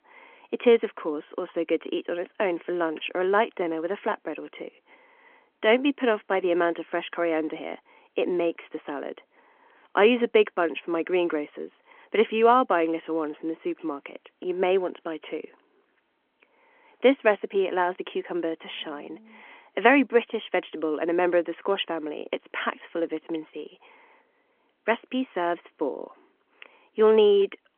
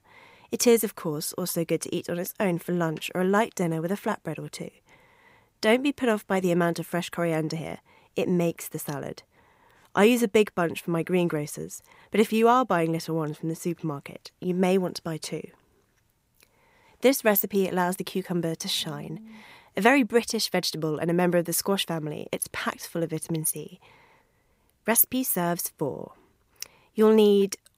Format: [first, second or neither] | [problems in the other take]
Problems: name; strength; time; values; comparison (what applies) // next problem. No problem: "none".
second | phone-call audio; nothing above 3.5 kHz